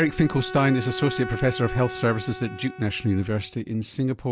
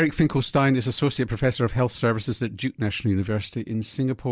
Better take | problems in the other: second | background sound (Bowed string instrument); 12 dB below the speech

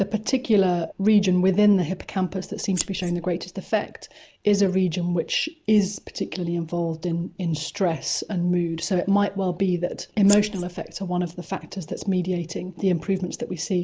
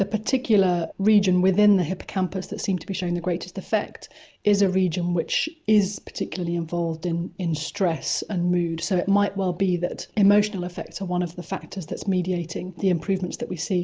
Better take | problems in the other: second | background sound (Scissors); 10 dB below the speech

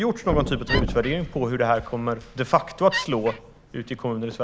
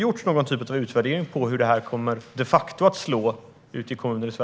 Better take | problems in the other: second | background sound (Wood + Thump, thud); 7 dB below the speech

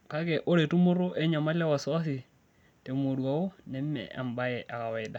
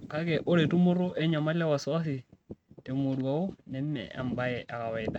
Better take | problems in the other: first | noise reduction (neural mask model RNNoise)

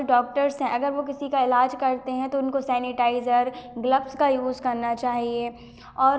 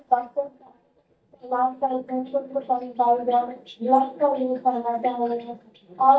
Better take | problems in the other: first | noise reduction (neural mask model DeepFilterNet 3)

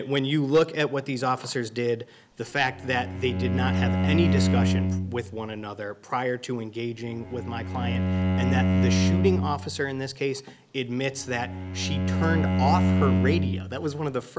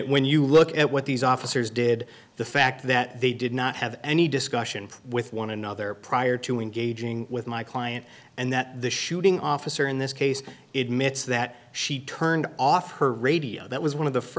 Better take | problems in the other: second | background sound (Bowed string instrument); 3 dB above the speech

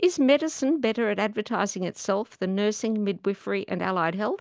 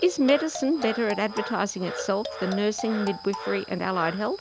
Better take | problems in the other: first | background sound (Marimba, xylophone + Frog); 10 dB below the speech

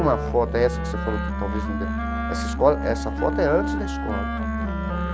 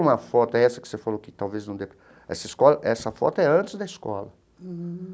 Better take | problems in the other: second | background sound (Musical instrument + Wind instrument, woodwind instrument); as loud as the speech

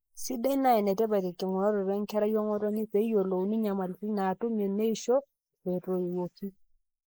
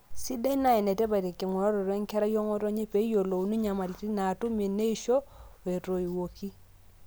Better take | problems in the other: second | noise reduction (neural mask model Resemble Enhance denoiser)

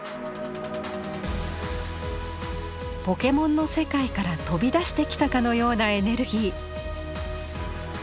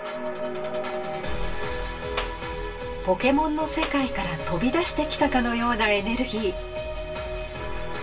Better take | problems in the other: first | background sound (Clapping); 10 dB below the speech // room echo; dies away in 0.1 s

